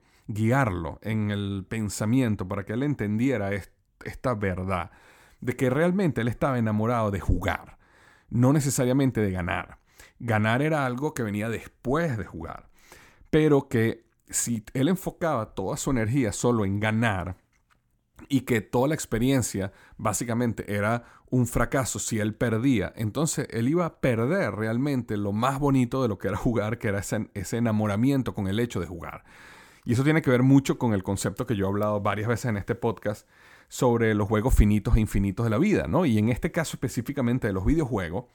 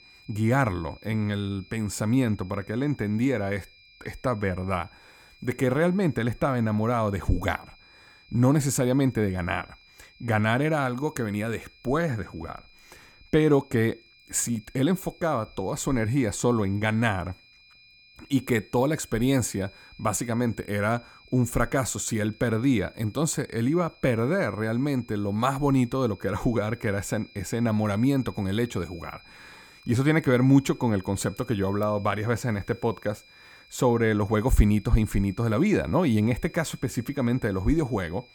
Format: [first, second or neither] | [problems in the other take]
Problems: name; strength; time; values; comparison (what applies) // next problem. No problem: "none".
first | high-pitched whine; faint; throughout; 2.5 kHz, 25 dB below the speech